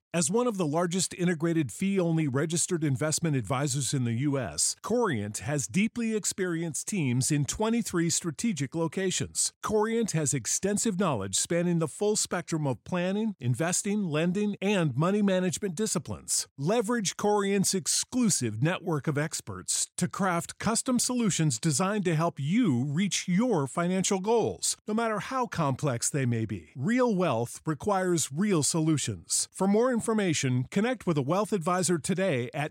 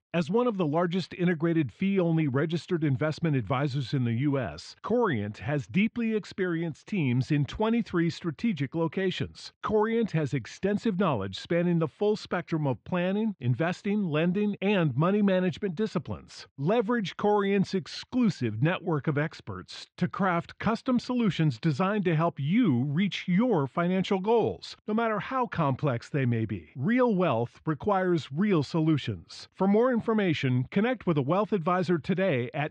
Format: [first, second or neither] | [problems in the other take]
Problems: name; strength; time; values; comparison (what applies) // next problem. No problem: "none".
first | muffled; very; fading above 3.5 kHz